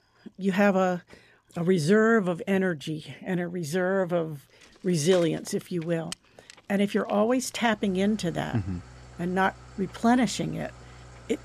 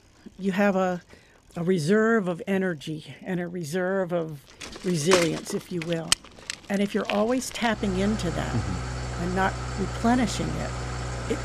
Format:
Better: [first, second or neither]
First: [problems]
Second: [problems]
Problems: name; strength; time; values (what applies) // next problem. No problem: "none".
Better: first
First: traffic noise; faint; throughout; 20 dB below the speech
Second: traffic noise; loud; throughout; 5 dB below the speech